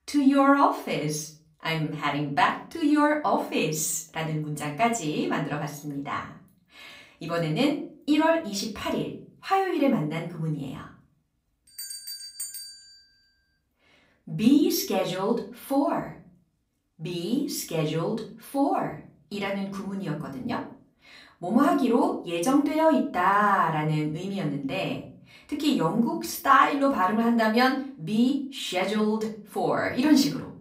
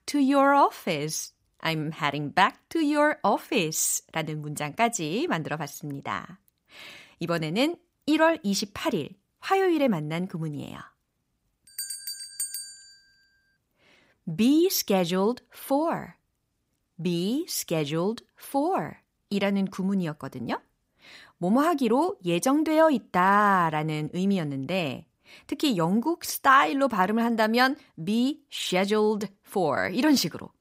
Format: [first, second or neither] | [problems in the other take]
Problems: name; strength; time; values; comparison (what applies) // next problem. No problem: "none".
second | off-mic speech; far // room echo; slight; dies away in 0.4 s